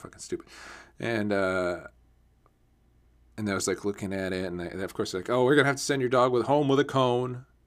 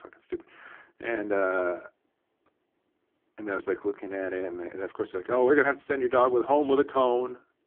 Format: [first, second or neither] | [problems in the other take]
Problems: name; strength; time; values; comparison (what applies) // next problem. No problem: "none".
first | phone-call audio; poor line; nothing above 3 kHz